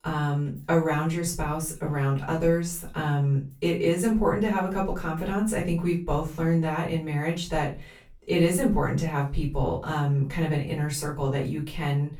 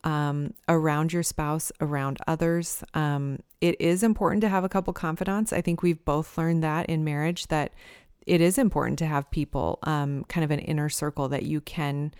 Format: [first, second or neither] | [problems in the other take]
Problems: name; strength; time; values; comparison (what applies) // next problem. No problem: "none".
second | off-mic speech; far // room echo; slight; dies away in 0.3 s